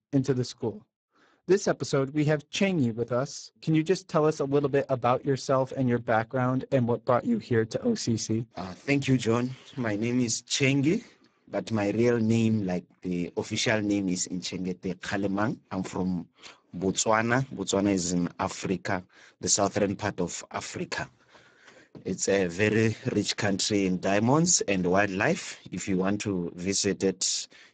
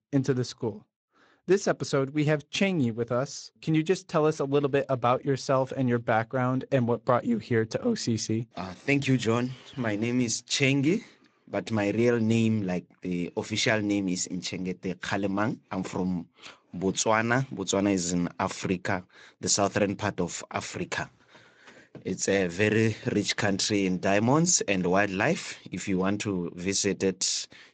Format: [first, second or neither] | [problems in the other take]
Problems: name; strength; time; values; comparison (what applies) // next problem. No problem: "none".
second | garbled, watery; badly; nothing above 7.5 kHz; slightly in the second